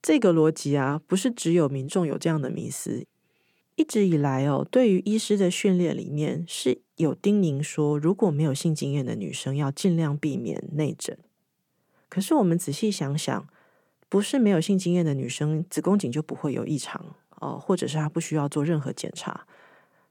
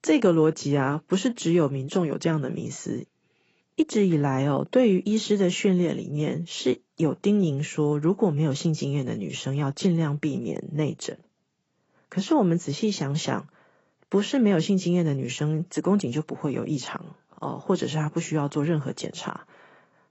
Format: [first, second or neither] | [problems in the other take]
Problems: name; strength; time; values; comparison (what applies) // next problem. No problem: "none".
first | garbled, watery; badly; nothing above 8 kHz